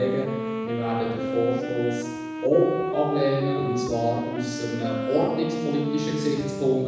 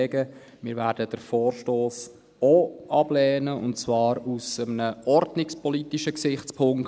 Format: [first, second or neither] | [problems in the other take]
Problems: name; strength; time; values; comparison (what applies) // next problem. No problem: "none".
second | background sound (Wind instrument, woodwind instrument); 4 dB below the speech // room echo; dies away in 1.1 s